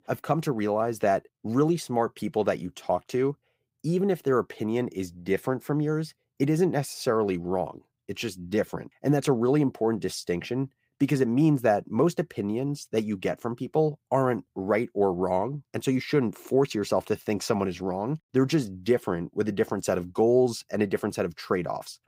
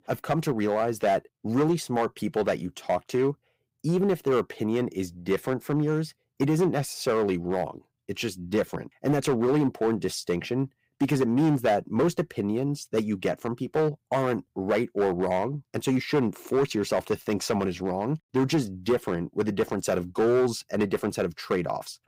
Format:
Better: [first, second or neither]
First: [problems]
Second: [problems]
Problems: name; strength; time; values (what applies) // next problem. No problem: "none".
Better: first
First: none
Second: distortion; slight; 6% of the sound clipped